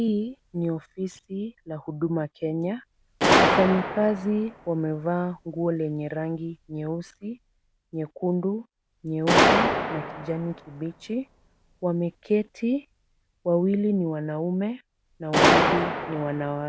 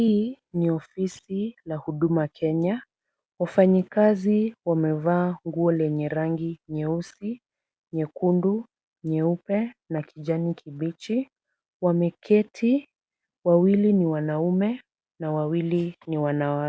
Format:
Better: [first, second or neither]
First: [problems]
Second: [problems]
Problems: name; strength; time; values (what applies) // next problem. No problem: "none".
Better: second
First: background sound (Gunshot, gunfire); as loud as the speech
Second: none